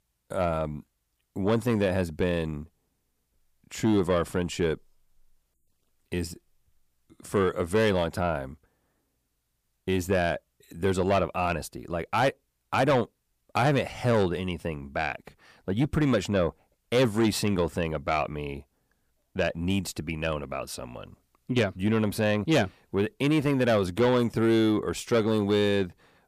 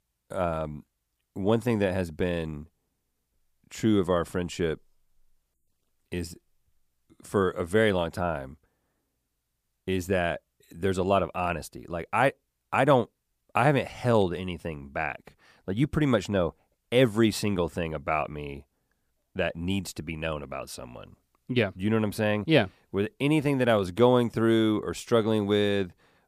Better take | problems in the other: second | distortion; slight; 10 dB below the speech

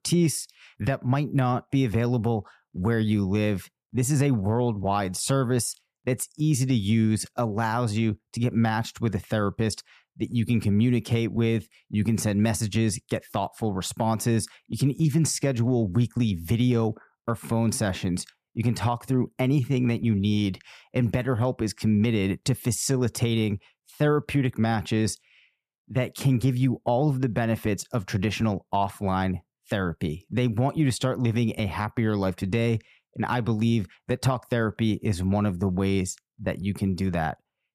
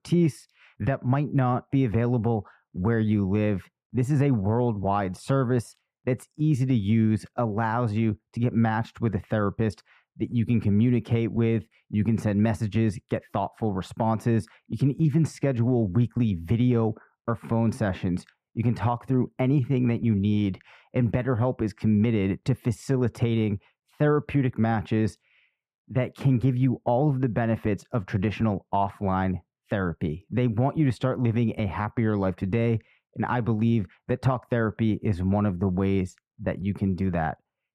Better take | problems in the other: first | muffled; very; fading above 3.5 kHz

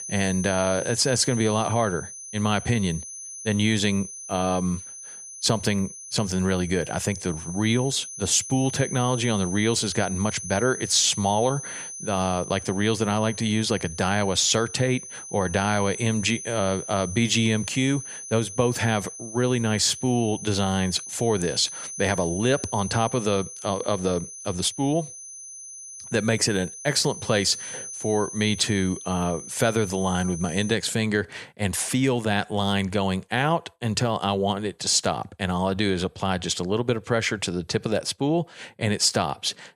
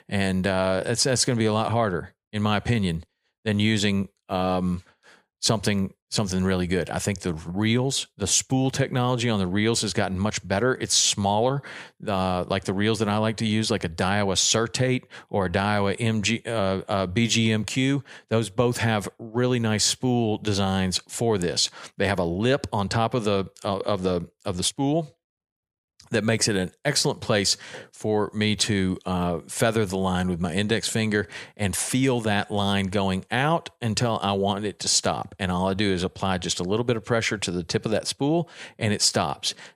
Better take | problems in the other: second | high-pitched whine; noticeable; until 31 s; 6 kHz, 10 dB below the speech

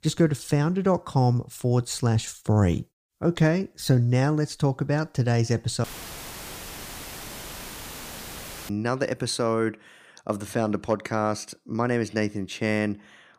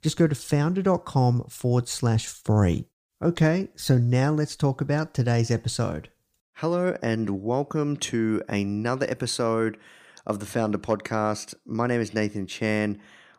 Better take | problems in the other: second | audio cutting out; filled with static; at 6 s for 3 s

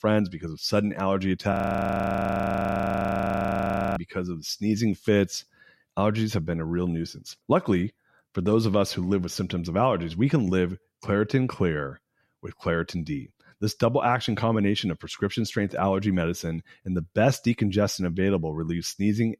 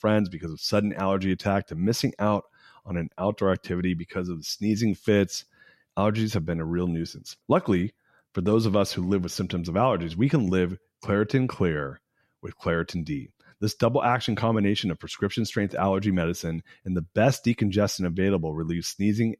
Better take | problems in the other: second | audio freezing; at 1.5 s for 2.5 s

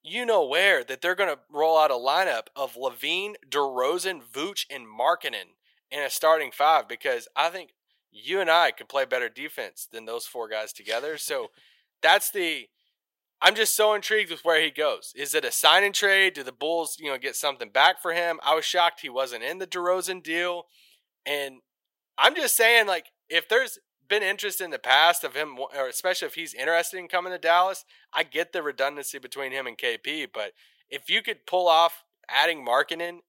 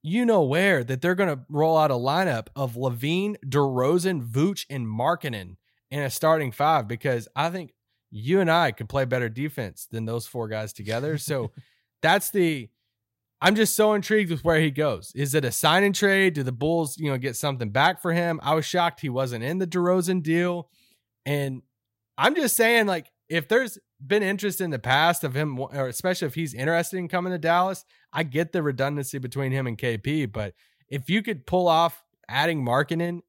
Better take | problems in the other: second | thin; very; fading below 500 Hz

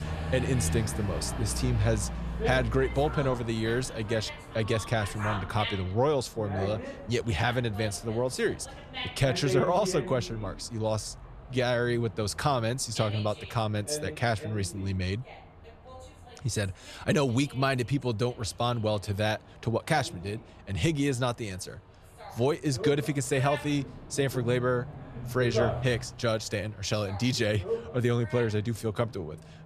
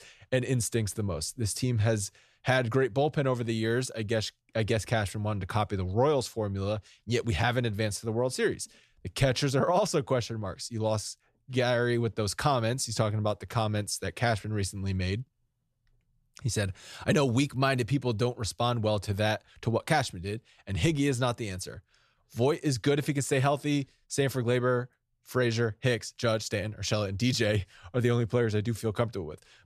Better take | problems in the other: second | animal sounds; loud; throughout; 8 dB below the speech

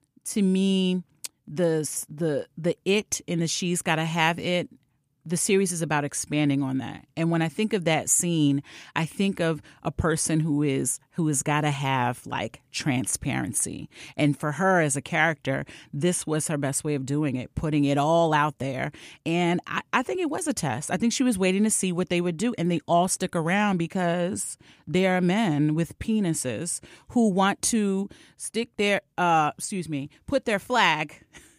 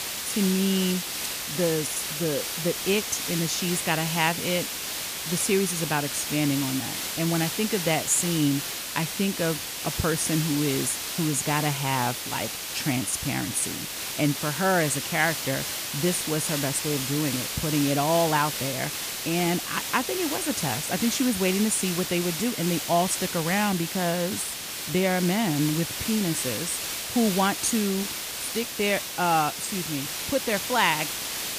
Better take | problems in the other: first | hiss; loud; throughout; 3 dB below the speech

